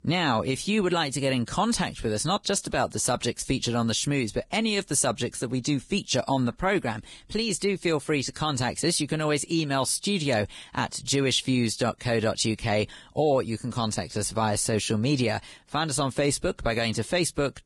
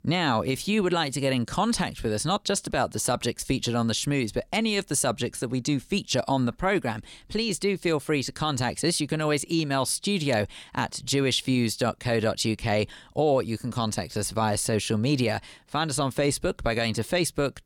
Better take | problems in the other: second | garbled, watery; badly; nothing above 10.5 kHz

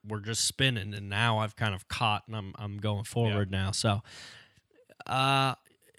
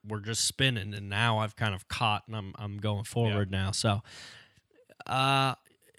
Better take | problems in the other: neither | none

